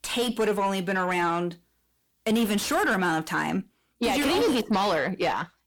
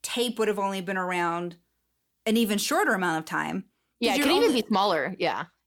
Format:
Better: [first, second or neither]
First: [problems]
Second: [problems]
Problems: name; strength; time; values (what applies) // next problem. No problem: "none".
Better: second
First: distortion; slight; 10 dB below the speech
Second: none